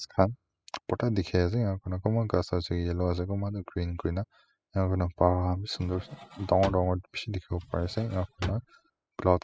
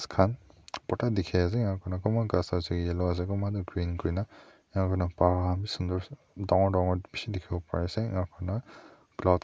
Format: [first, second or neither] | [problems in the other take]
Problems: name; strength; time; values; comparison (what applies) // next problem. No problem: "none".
second | noise reduction (classical method spectral subtraction)